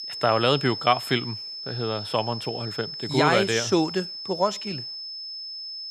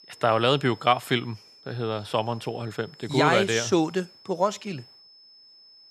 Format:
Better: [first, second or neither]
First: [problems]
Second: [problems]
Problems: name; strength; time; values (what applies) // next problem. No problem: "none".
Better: second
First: high-pitched whine; loud; throughout; 5 kHz, 8 dB below the speech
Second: high-pitched whine; faint; throughout; 5 kHz, 25 dB below the speech